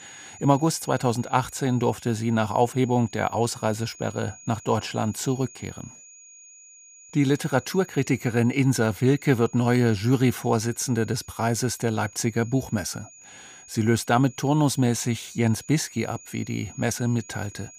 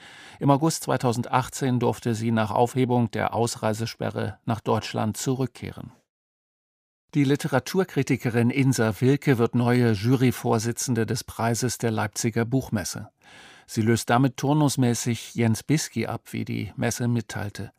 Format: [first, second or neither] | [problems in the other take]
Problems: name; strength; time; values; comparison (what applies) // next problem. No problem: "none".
second | high-pitched whine; faint; throughout; 6.5 kHz, 20 dB below the speech